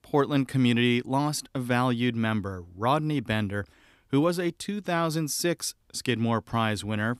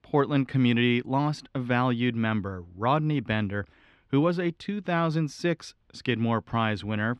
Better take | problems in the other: first | muffled; slightly; fading above 3 kHz

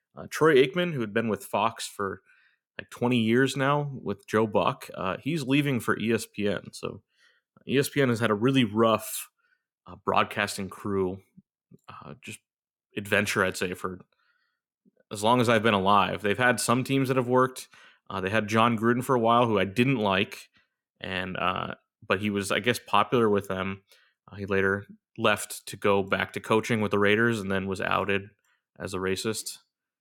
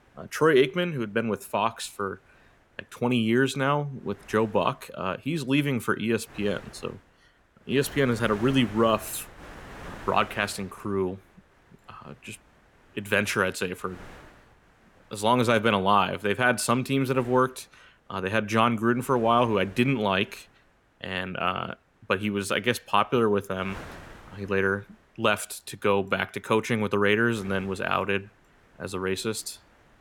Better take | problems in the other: first | wind noise on the microphone; occasional gusts; 20 dB below the speech

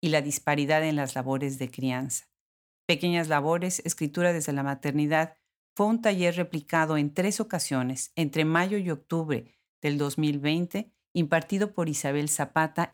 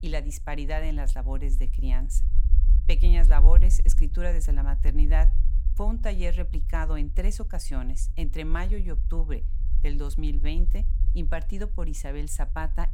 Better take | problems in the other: first | low rumble; noticeable; throughout; 15 dB below the speech

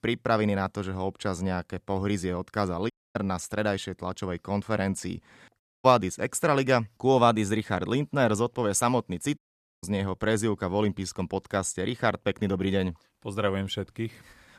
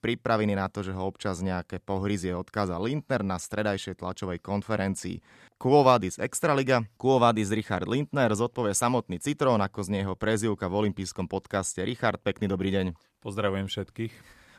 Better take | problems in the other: second | audio cutting out; at 3 s, at 5.5 s and at 9.5 s

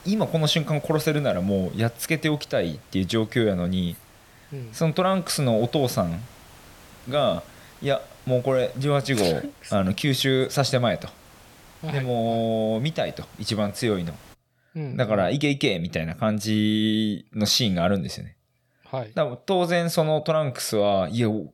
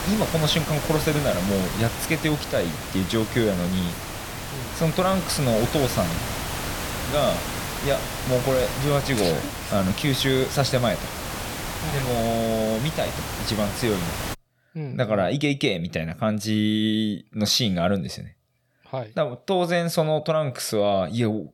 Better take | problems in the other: first | hiss; loud; until 14 s; 6 dB below the speech; faint in the first

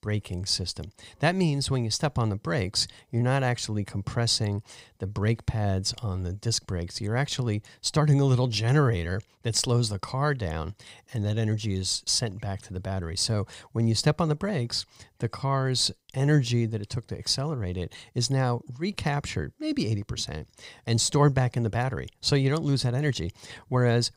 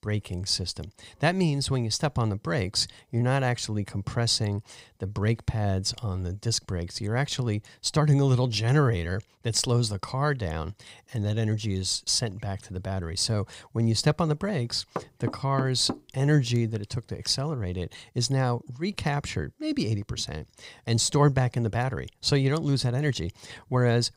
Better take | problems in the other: first | door banging; noticeable; from 15 to 17 s; peak 8 dB below the speech

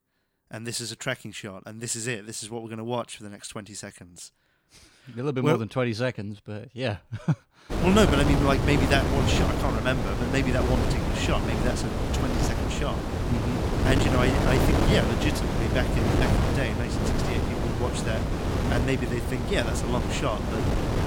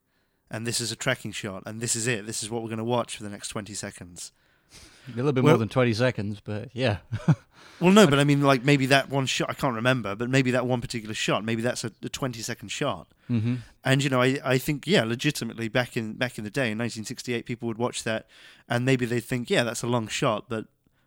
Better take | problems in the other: second | wind noise on the microphone; heavy; from 7.5 s on; as loud as the speech

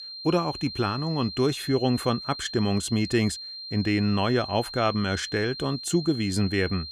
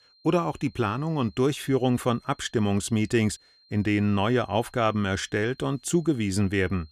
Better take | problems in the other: second | high-pitched whine; loud; throughout; 4 kHz, 10 dB below the speech; faint in the second

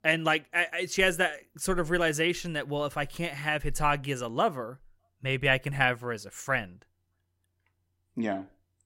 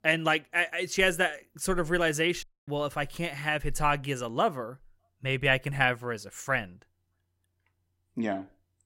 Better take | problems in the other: first | audio cutting out; at 2.5 s

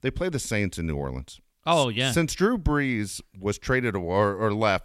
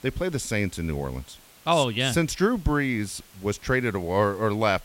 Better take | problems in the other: first | hiss; faint; throughout; 25 dB below the speech

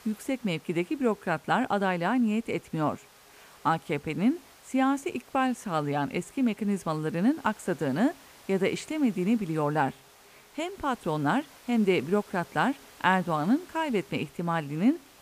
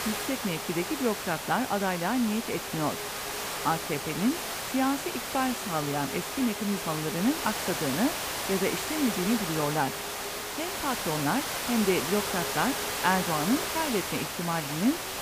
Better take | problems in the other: first | hiss; loud; throughout; 2 dB below the speech; faint in the first

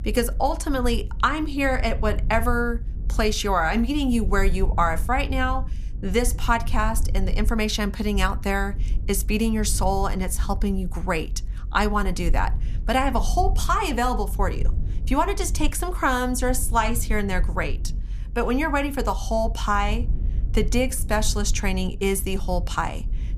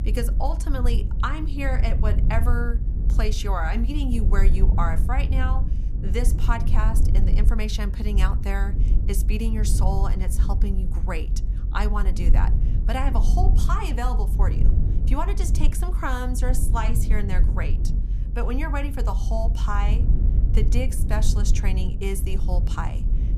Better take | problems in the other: first | low rumble; loud; throughout; 9 dB below the speech; faint in the first

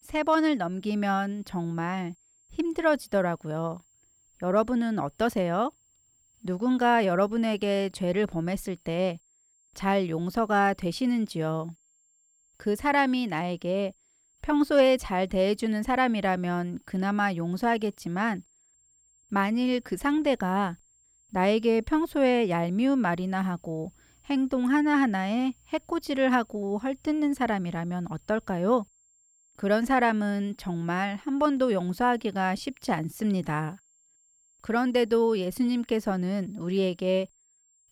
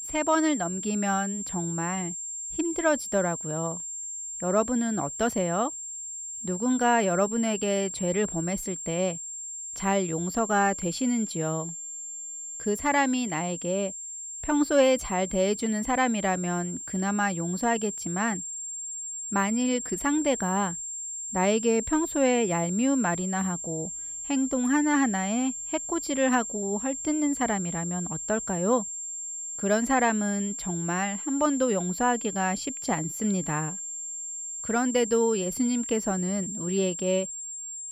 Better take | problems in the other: first | high-pitched whine; loud; throughout; 7.5 kHz, 6 dB below the speech; faint in the first

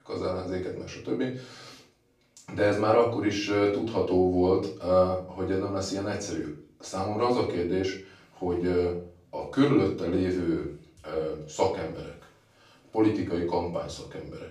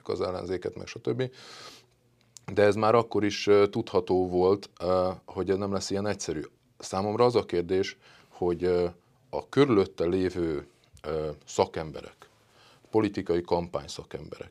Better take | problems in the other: second | off-mic speech; far // room echo; noticeable; dies away in 0.4 s

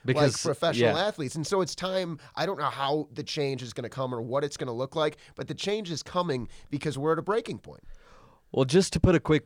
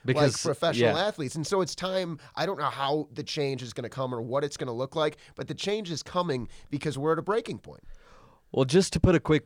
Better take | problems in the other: neither | none

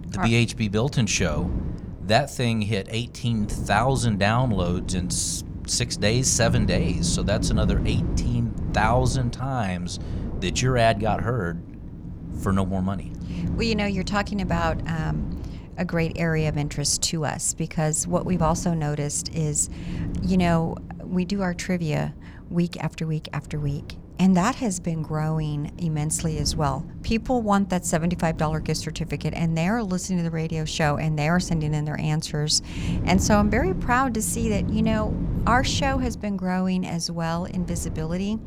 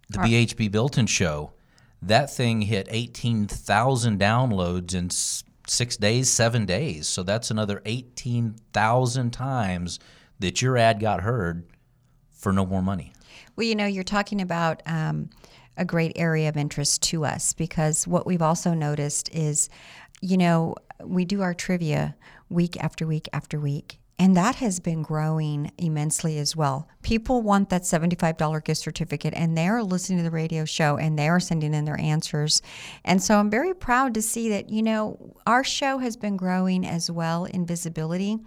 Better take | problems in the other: second | wind noise on the microphone; occasional gusts; 15 dB below the speech

